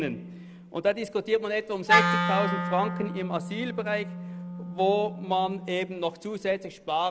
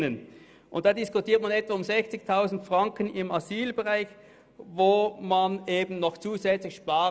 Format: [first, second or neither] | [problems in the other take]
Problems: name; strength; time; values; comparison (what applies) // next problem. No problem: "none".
second | background sound (Wind instrument, woodwind instrument); 2 dB below the speech